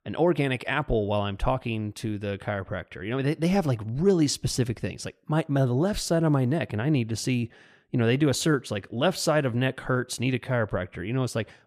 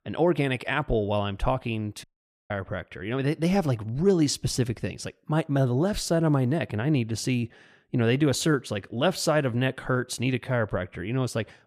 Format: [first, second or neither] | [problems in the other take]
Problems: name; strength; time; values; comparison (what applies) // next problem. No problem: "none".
first | audio cutting out; at 2 s